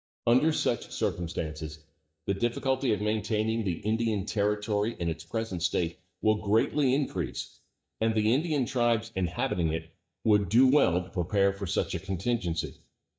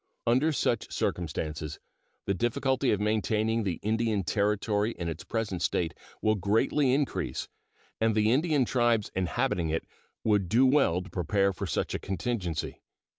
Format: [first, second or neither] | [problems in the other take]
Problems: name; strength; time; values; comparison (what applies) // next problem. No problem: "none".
second | noise reduction (neural mask model DeepFilterNet 3)